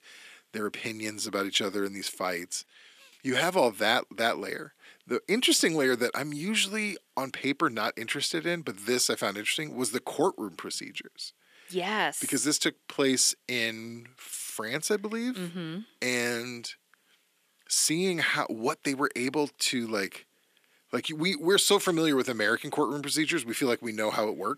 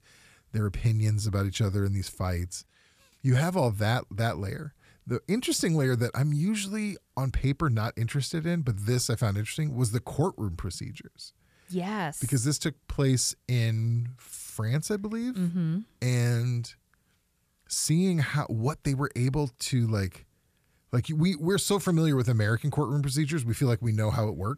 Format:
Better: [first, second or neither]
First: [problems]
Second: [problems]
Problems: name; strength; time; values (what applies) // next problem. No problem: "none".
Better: second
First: thin; somewhat; fading below 250 Hz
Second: none